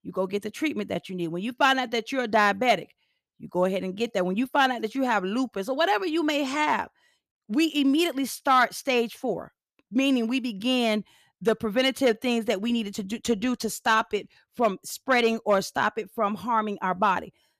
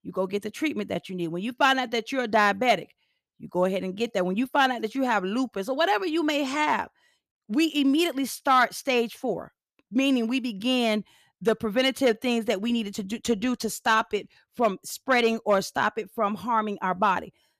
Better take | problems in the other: neither | none

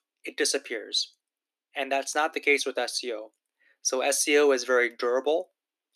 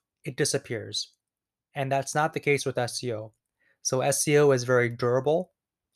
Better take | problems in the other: second | thin; very slightly; fading below 250 Hz

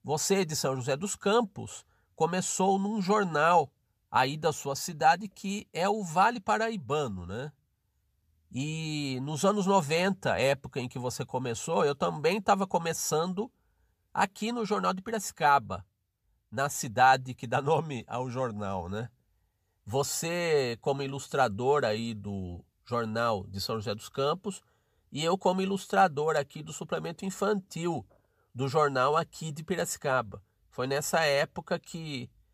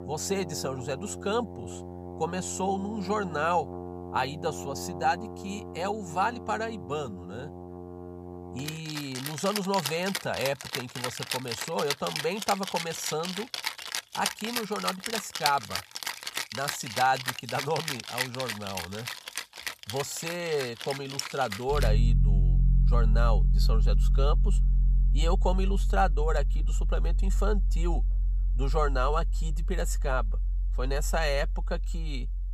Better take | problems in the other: first | background music; very loud; throughout; 1 dB above the speech

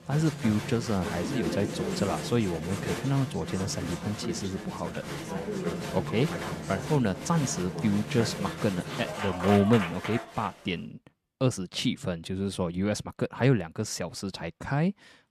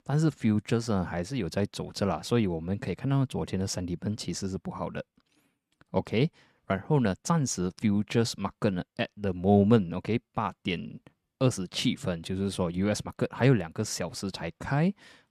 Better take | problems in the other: second | crowd noise; loud; until 10 s; 6 dB below the speech

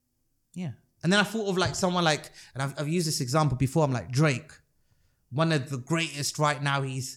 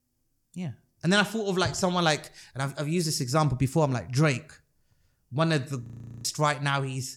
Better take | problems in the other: first | audio freezing; at 6 s

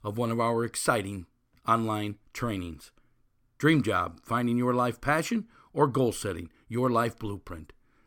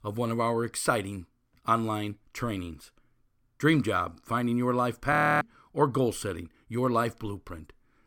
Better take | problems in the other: first | audio freezing; at 5 s

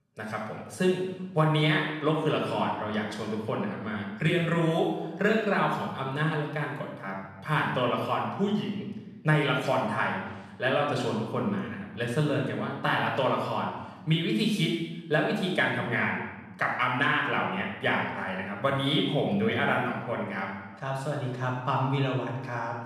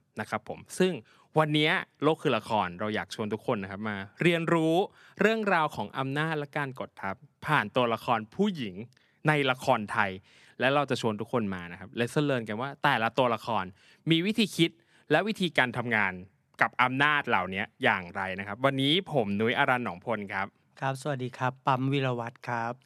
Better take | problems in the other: second | off-mic speech; far // room echo; noticeable; dies away in 1 s

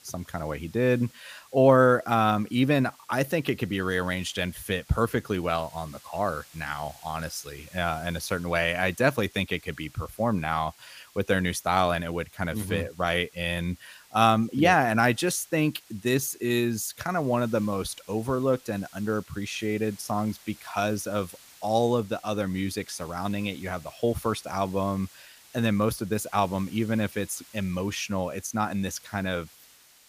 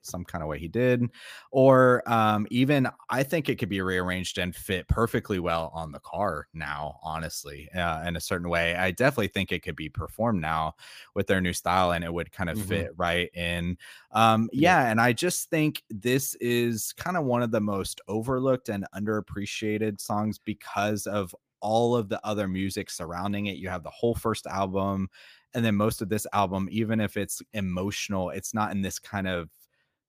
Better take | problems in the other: second | hiss; faint; throughout; 25 dB below the speech

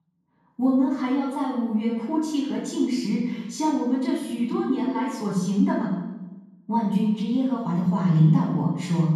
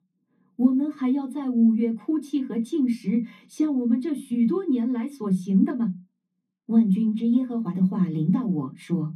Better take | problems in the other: second | room echo; strong; dies away in 1.3 s; slight in the second // off-mic speech; far; far in the second

